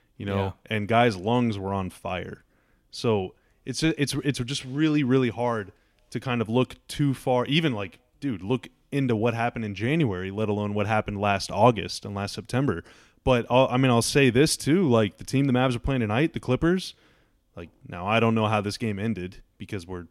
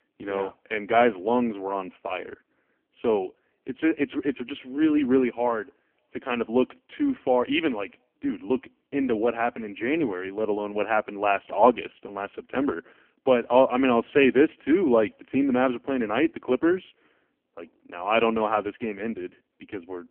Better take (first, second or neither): first